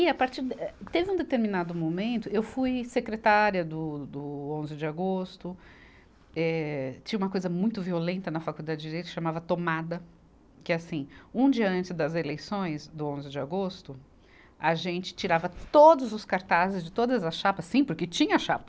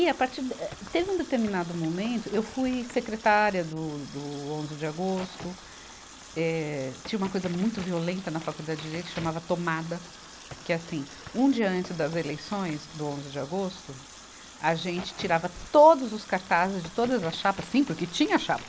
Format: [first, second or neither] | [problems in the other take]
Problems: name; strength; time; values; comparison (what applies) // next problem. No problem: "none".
first | background sound (Crack + Water tap, faucet); 17 dB below the speech